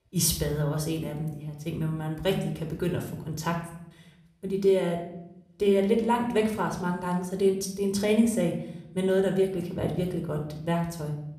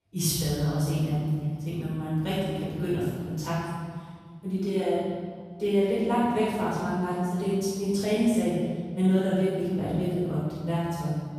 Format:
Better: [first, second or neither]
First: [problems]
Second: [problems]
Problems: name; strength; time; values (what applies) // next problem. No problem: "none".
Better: first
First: room echo; slight; dies away in 0.6 s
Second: room echo; strong; dies away in 1.7 s // off-mic speech; far